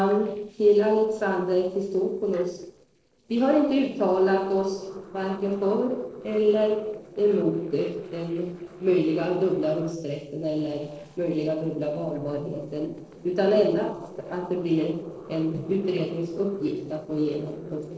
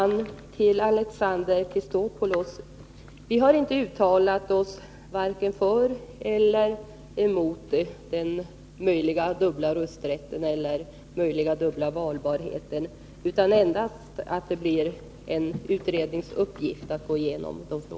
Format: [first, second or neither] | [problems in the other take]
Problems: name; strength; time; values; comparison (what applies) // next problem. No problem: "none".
second | noise reduction (neural separator model SepFormer DNS4)